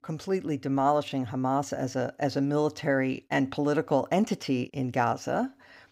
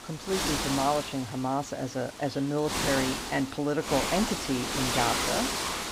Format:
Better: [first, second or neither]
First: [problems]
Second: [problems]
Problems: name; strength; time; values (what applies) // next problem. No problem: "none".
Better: first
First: none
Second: wind noise on the microphone; heavy; 1 dB above the speech